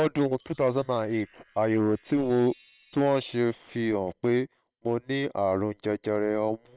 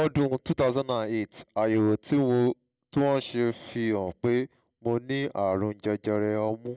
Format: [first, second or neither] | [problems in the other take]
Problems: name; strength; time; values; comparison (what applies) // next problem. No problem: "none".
second | noise reduction (neural separator model SepFormer WHAM!)